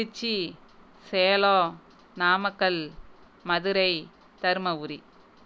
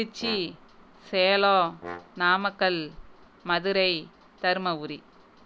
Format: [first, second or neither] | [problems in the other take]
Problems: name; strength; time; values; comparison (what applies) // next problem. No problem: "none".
first | background sound (Brass instrument); 17 dB below the speech